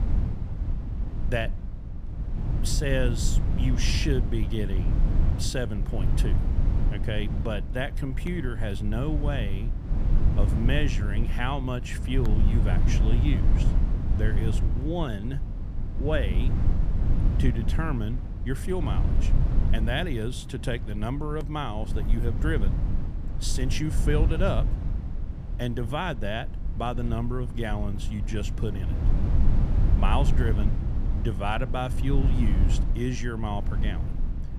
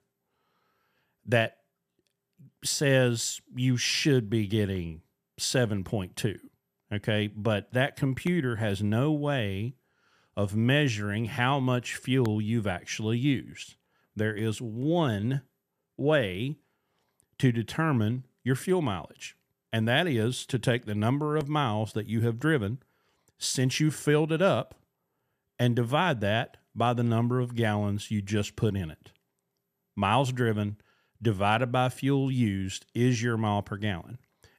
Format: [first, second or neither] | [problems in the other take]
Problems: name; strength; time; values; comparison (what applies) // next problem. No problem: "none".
second | low rumble; loud; throughout; 8 dB below the speech